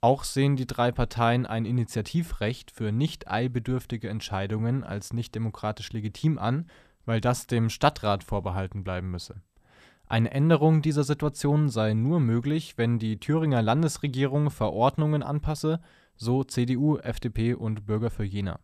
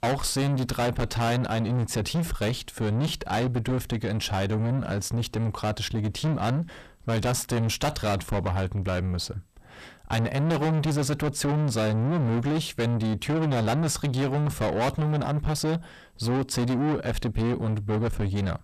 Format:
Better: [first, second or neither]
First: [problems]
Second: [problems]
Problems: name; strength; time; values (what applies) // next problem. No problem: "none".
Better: first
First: none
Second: distortion; heavy; 5 dB below the speech